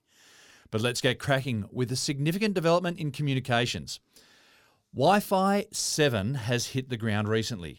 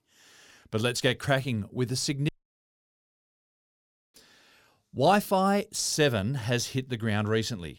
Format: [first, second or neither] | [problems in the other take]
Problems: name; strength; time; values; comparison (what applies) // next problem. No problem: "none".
first | audio cutting out; at 2.5 s for 2 s